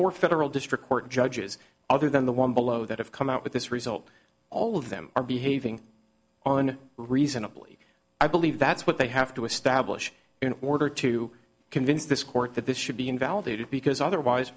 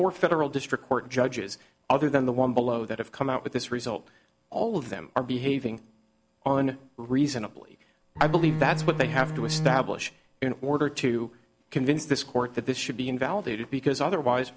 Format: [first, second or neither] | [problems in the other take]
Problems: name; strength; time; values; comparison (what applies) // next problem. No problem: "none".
first | background sound (Bowed string instrument); 4 dB below the speech